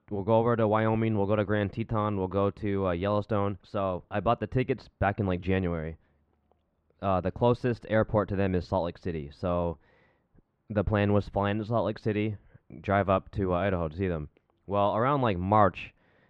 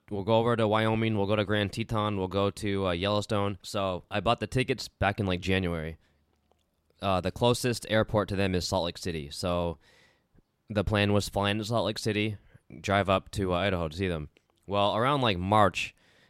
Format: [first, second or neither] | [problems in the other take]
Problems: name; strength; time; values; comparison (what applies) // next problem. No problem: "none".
second | muffled; very; fading above 1.5 kHz